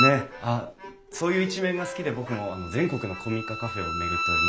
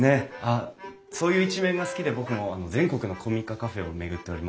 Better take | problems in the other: second | background sound (Bowed string instrument); 3 dB below the speech

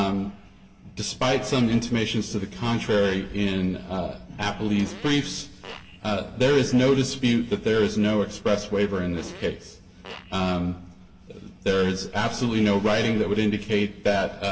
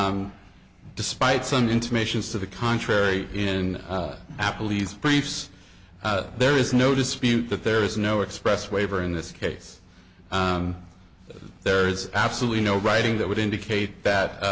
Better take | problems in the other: second | background sound (Fart); 19 dB below the speech // room echo; dies away in 1.3 s

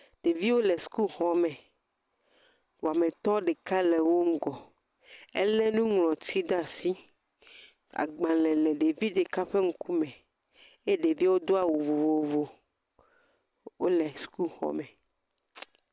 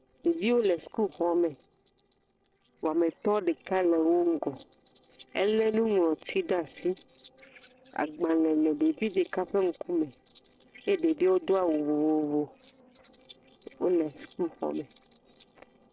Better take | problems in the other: first | noise reduction (neural separator model SepFormer DNS4)

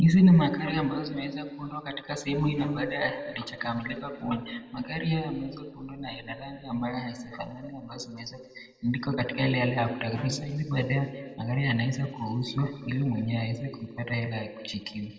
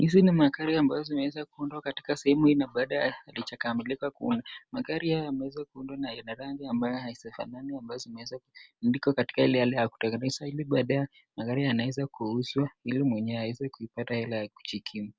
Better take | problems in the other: second | noise reduction (neural separator model SepFormer DNS4)

